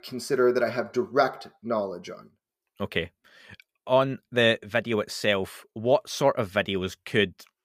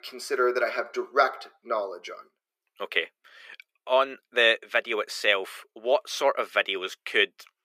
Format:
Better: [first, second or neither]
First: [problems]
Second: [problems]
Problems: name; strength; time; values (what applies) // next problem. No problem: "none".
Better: first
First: none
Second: thin; very; fading below 350 Hz